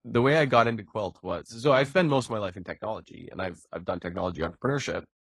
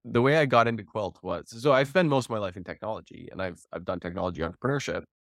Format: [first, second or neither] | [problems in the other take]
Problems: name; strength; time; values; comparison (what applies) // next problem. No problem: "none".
second | garbled, watery; slightly; nothing above 11 kHz